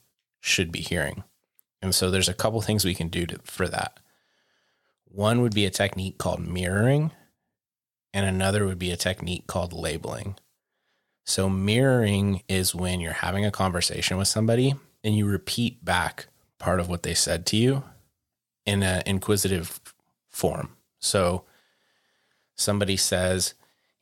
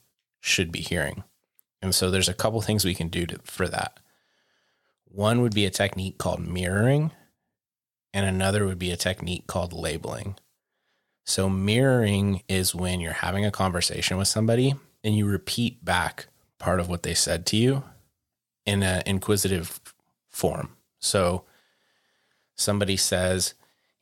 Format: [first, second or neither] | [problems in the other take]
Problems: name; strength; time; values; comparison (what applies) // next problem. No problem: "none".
neither | none